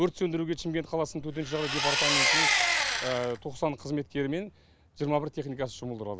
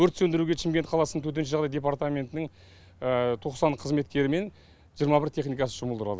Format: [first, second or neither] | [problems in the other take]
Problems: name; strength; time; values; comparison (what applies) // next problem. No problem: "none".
second | background sound (Engine); 4 dB above the speech